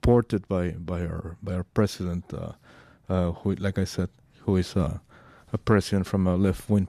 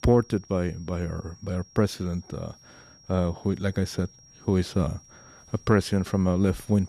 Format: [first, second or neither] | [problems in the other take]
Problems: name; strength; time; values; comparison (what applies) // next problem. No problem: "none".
first | high-pitched whine; faint; throughout; 5.5 kHz, 25 dB below the speech